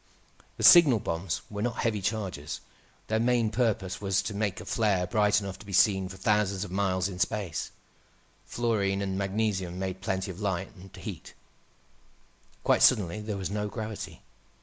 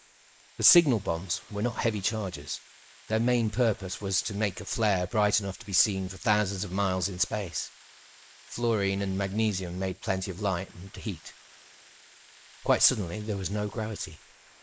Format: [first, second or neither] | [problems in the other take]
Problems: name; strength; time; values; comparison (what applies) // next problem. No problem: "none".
first | noise reduction (neural mask model Resemble Enhance denoiser)